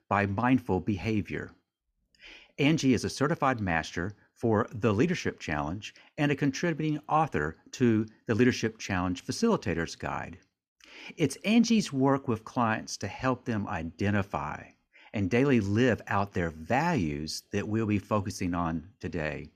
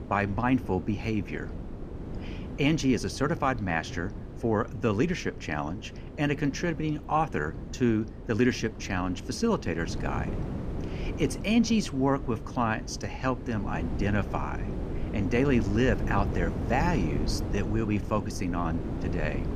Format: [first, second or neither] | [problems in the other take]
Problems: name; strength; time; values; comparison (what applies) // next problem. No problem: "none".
first | wind noise on the microphone; occasional gusts; 10 dB below the speech